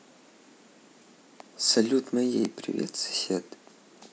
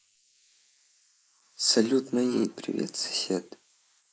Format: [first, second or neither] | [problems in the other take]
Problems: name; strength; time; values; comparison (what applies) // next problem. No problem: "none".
first | noise reduction (neural mask model Resemble Enhance denoiser)